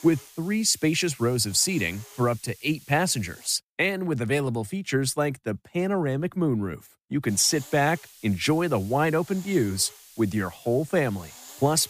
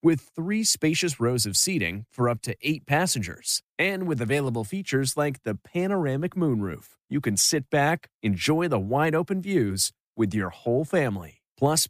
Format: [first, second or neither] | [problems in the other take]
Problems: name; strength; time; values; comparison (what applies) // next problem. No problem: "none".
second | hiss; faint; until 3.5 s and from 7.5 s on; 20 dB below the speech